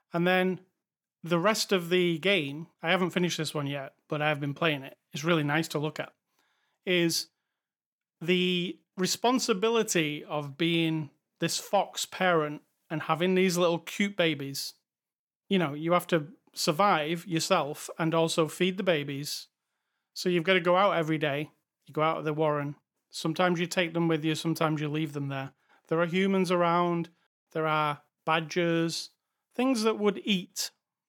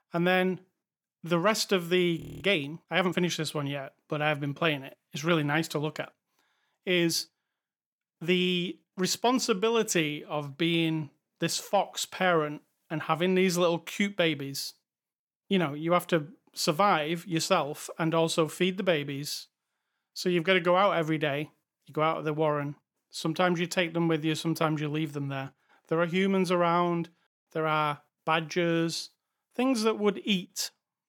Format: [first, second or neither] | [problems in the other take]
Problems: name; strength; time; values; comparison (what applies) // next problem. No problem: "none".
first | audio freezing; at 2 s